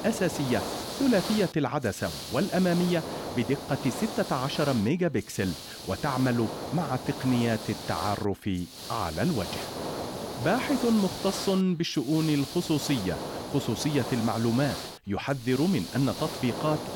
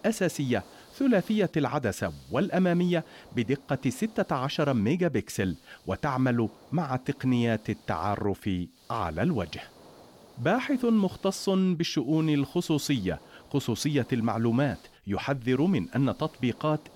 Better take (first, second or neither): second